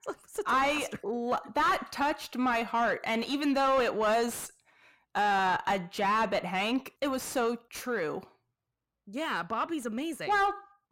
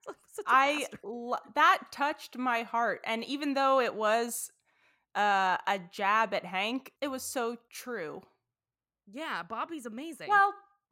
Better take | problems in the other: second | distortion; heavy; 7 dB below the speech

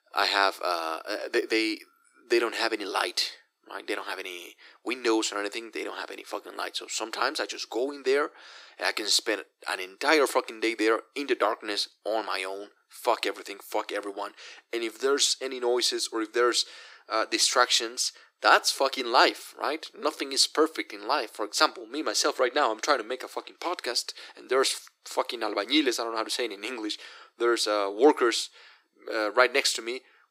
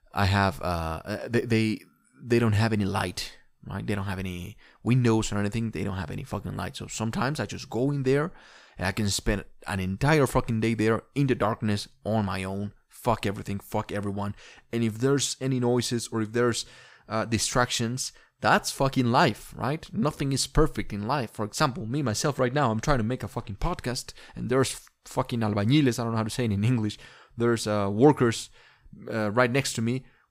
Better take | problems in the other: second | thin; very; fading below 300 Hz

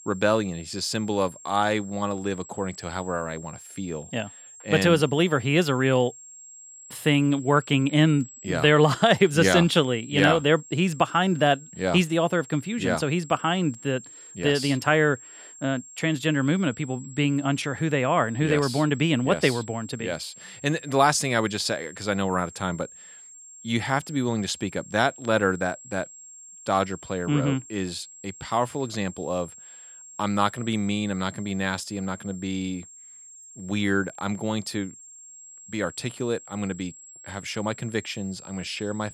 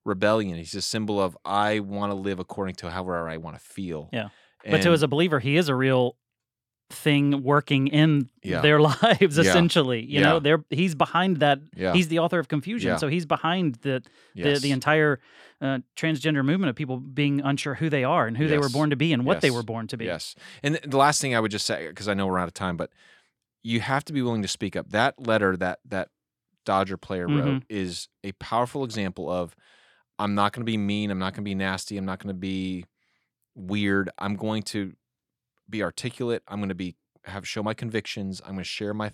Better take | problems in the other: second | high-pitched whine; noticeable; throughout; 7.5 kHz, 20 dB below the speech

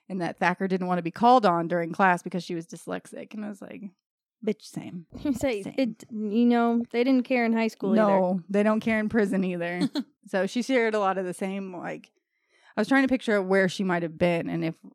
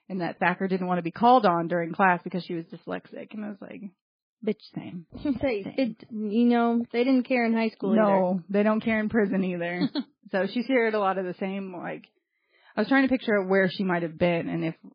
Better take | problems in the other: first | garbled, watery; badly; nothing above 4.5 kHz

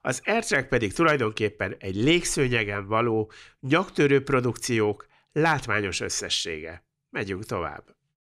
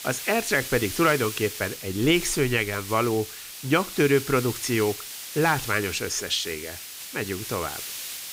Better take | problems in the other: first | hiss; loud; throughout; 9 dB below the speech

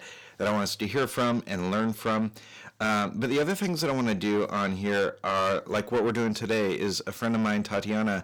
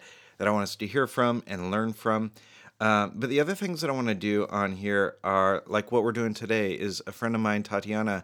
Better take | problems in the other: second | distortion; heavy; 7 dB below the speech

